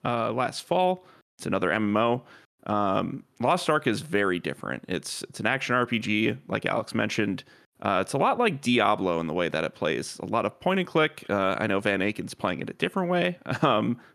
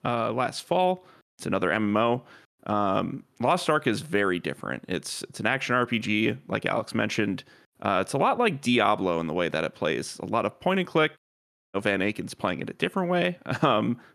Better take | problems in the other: first | audio cutting out; at 11 s for 0.5 s

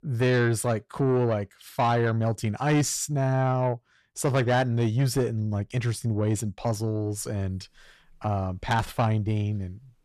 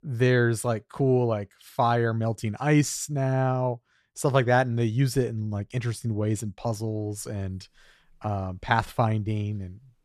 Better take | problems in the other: second | distortion; slight; 10 dB below the speech

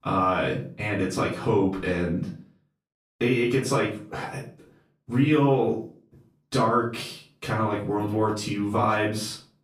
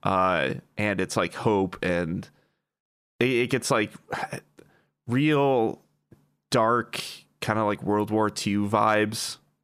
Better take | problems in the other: second | off-mic speech; far // room echo; slight; dies away in 0.4 s

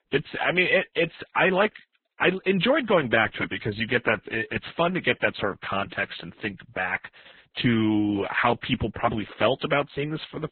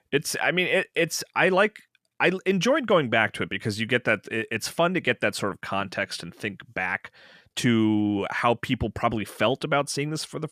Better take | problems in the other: second | garbled, watery; badly; nothing above 3.5 kHz

